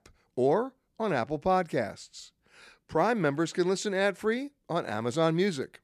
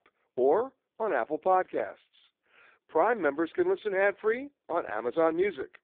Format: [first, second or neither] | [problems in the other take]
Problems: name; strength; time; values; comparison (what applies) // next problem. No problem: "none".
first | phone-call audio; poor line; nothing above 3.5 kHz